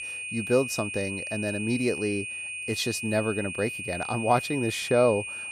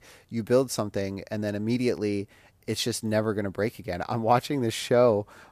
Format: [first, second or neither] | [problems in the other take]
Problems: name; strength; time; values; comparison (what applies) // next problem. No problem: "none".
second | high-pitched whine; loud; throughout; 2.5 kHz, 5 dB below the speech